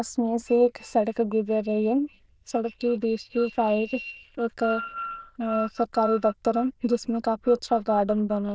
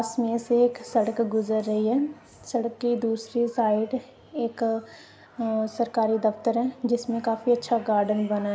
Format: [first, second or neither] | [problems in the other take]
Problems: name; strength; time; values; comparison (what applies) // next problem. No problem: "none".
second | noise reduction (neural diffusion model UNIVERSE++)